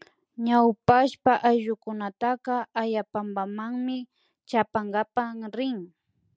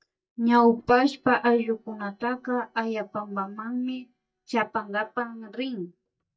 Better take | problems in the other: first | noise reduction (neural mask model DeepFilterNet 3)

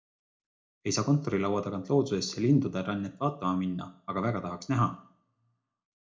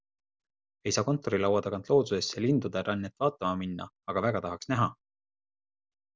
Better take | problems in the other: second | room echo; dies away in 0.3 s

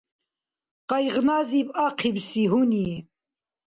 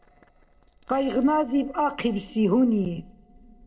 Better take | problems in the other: first | noise reduction (neural separator model SepFormer DNS4)

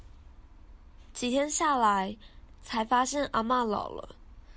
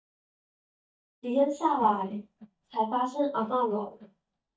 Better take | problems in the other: first | noise reduction (neural mask model DeepFilterNet 3)

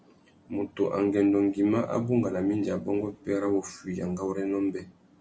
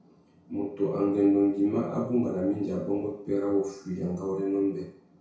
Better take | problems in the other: first | room echo; dies away in 0.6 s

